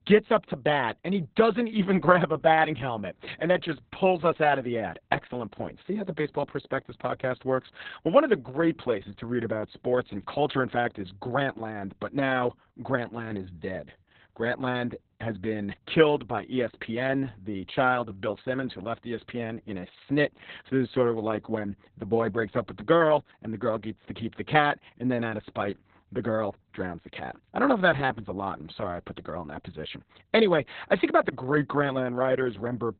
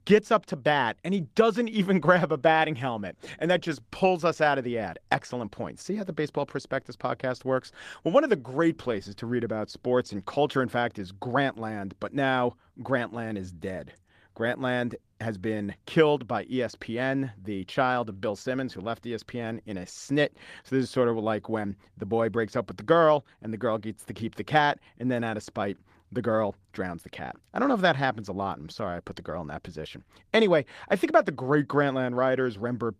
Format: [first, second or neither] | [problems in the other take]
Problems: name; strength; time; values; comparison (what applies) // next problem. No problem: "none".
second | garbled, watery; badly; nothing above 4 kHz; slightly in the second